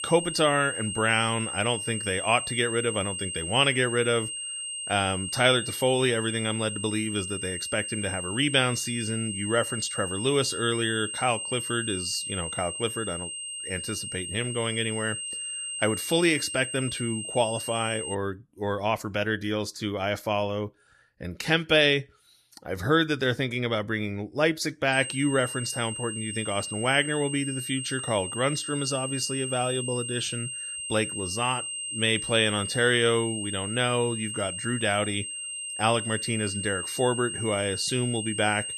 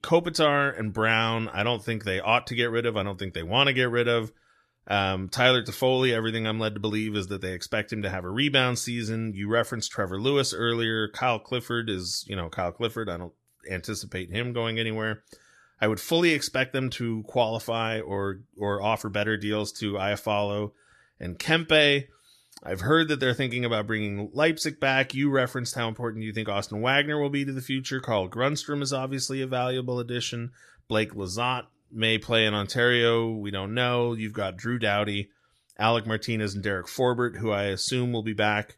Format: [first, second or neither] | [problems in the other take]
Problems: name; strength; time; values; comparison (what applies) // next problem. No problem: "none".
second | high-pitched whine; loud; until 18 s and from 25 s on; 8.5 kHz, 5 dB below the speech